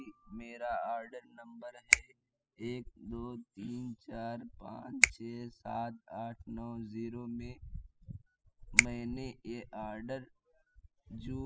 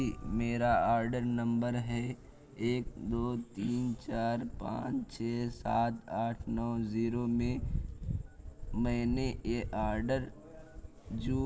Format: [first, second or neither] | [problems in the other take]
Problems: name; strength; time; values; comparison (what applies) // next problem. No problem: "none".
second | noise reduction (classical method spectral subtraction)